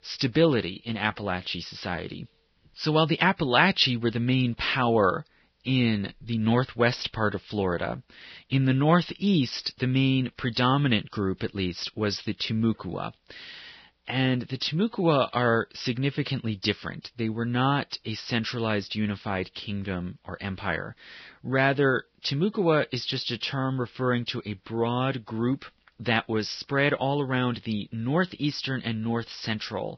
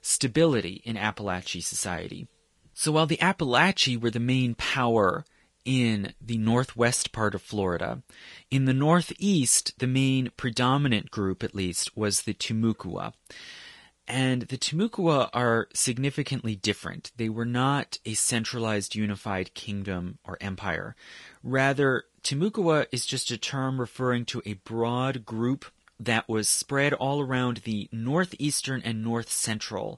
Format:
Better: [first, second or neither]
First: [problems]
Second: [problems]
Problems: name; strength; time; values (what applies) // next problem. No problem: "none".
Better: second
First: garbled, watery; badly; nothing above 5.5 kHz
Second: garbled, watery; slightly; nothing above 10.5 kHz